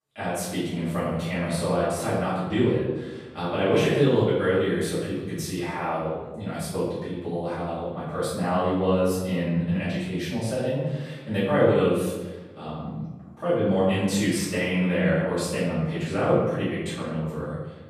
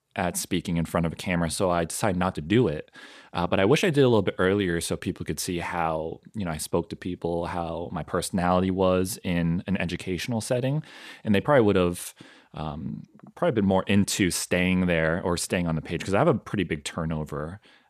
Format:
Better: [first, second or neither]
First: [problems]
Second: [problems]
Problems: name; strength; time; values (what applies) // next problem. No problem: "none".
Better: second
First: off-mic speech; far // room echo; strong; dies away in 1 s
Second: none